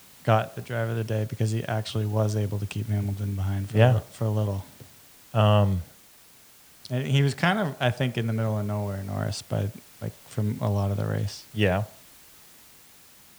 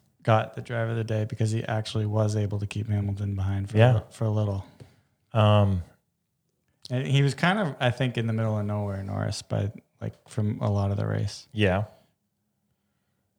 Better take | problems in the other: second | hiss; faint; throughout; 25 dB below the speech

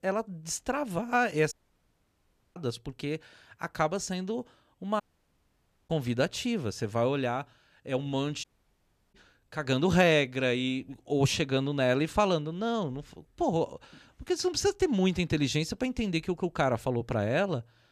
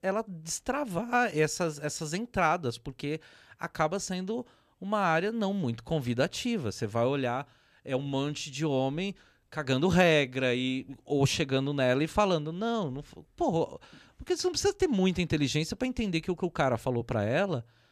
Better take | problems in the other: second | audio cutting out; at 1.5 s for 1 s, at 5 s for 1 s and at 8.5 s for 0.5 s

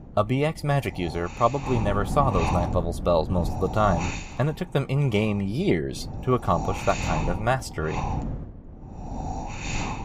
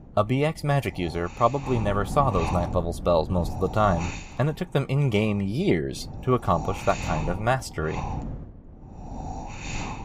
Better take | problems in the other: second | wind noise on the microphone; heavy; 8 dB below the speech; occasional gusts in the second

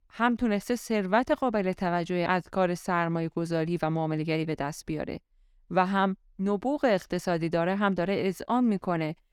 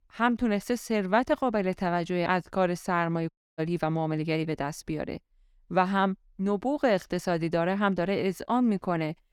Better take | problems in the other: first | audio cutting out; at 3.5 s

